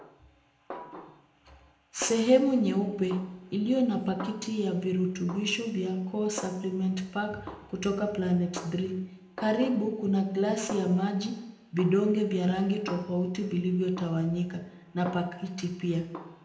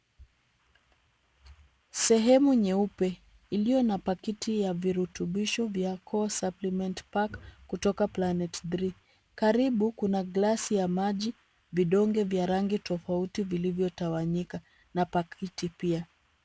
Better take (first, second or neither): second